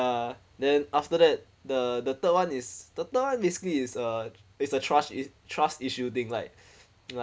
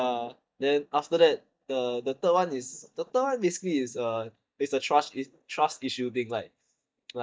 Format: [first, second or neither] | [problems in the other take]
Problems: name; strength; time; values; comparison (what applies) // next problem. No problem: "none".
first | noise reduction (neural mask model DeepFilterNet 3)